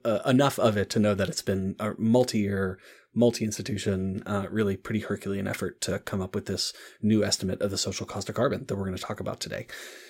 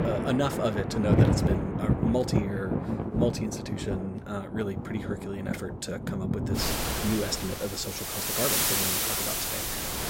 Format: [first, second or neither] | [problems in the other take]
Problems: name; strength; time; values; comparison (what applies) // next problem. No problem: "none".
first | rain or running water; very loud; throughout; 4 dB above the speech